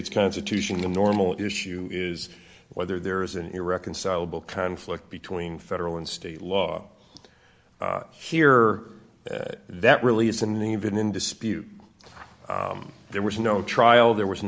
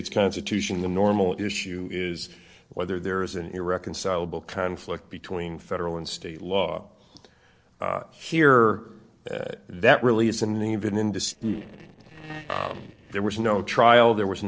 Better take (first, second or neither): first